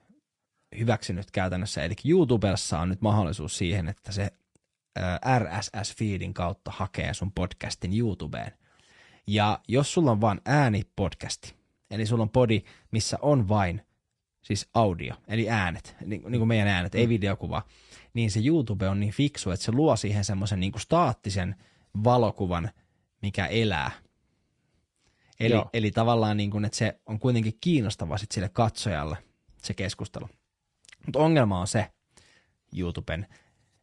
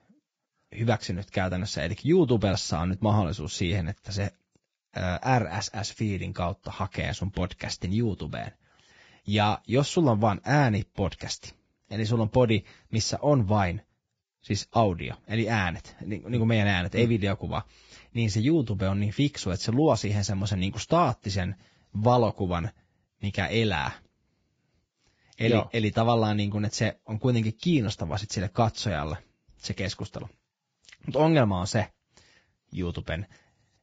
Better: first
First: garbled, watery; slightly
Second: garbled, watery; badly; nothing above 7.5 kHz

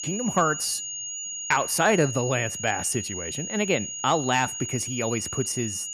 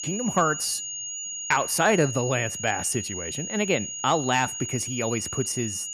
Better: neither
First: high-pitched whine; loud; throughout; 6.5 kHz, 5 dB below the speech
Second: high-pitched whine; loud; throughout; 6.5 kHz, 5 dB below the speech

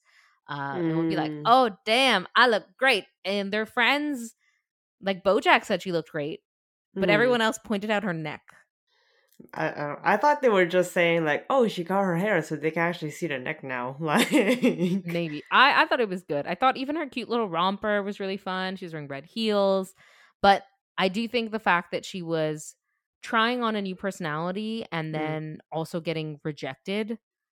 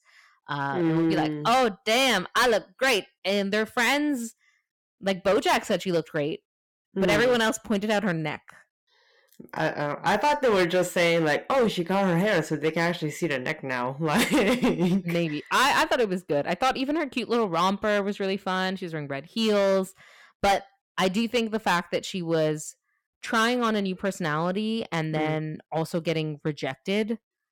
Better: first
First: none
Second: distortion; heavy; 8% of the sound clipped

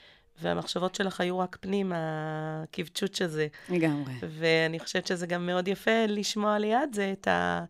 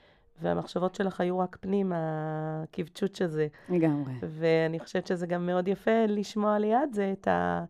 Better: first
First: none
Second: muffled; slightly; fading above 1.5 kHz

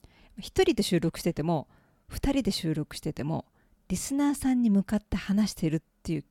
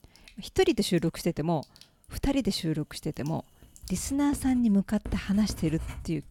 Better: first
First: none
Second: household noises; noticeable; throughout; 15 dB below the speech

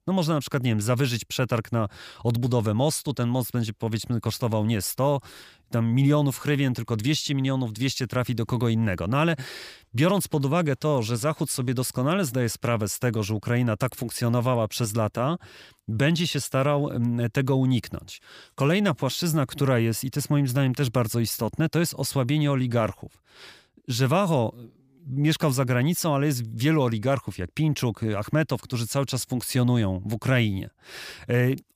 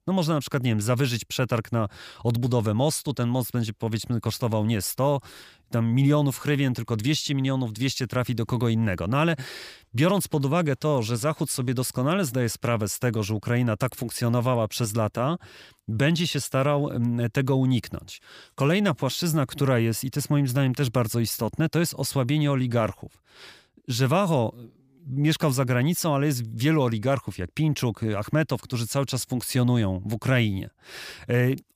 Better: neither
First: none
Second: none

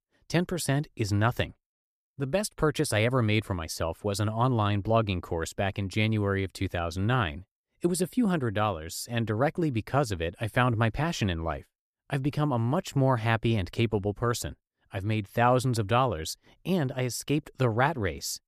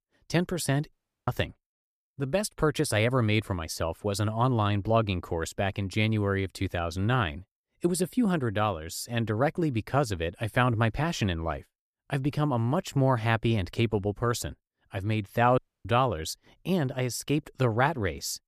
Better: first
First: none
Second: audio cutting out; at 1 s and at 16 s

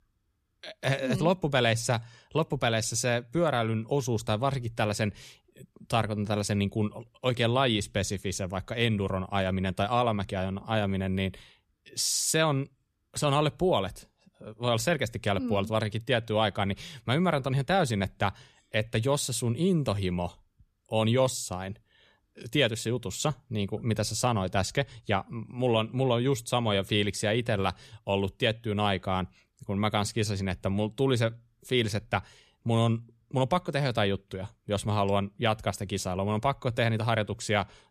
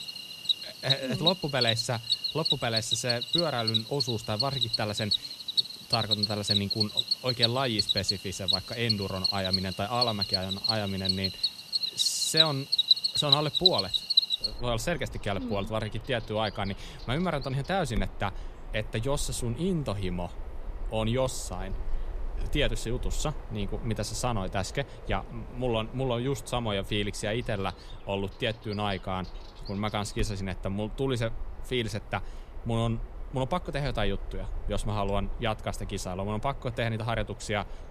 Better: first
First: none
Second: animal sounds; very loud; throughout; 4 dB above the speech

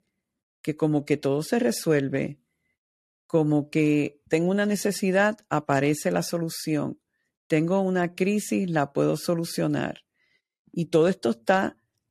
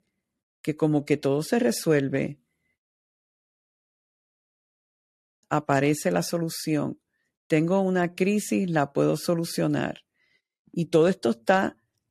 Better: first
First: none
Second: audio cutting out; at 3 s for 2.5 s

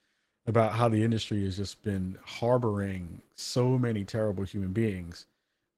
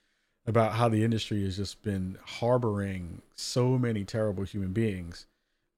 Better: second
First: garbled, watery; slightly; nothing above 16 kHz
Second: none

